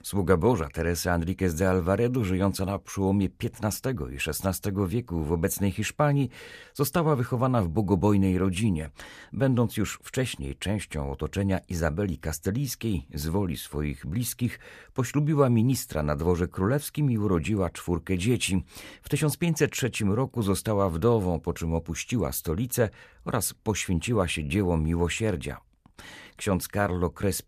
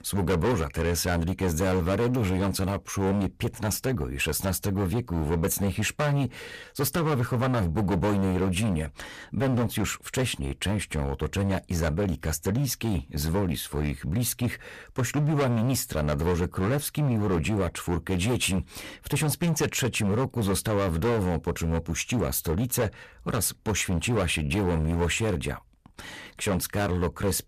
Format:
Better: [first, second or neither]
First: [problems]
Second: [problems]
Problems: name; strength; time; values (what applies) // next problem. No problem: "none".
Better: first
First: none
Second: distortion; heavy; 17% of the sound clipped